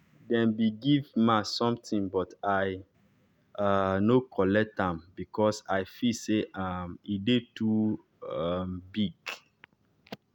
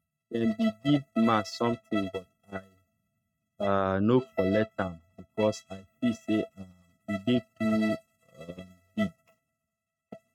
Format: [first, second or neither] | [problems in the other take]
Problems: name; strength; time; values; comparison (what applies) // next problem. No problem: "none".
first | noise reduction (neural mask model RNNoise)